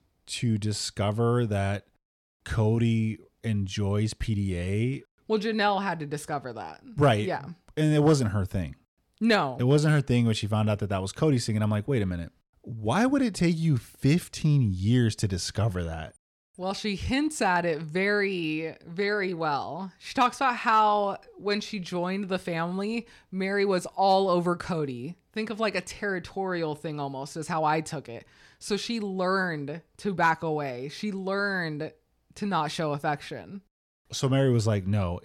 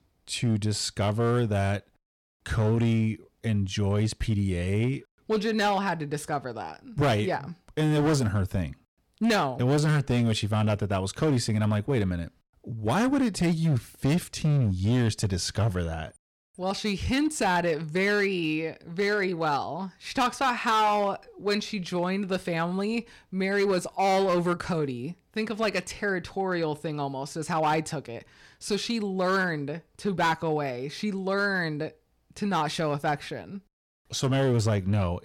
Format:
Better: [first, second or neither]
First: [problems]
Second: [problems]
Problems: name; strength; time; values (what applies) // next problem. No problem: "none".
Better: first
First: none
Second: distortion; slight; 8% of the sound clipped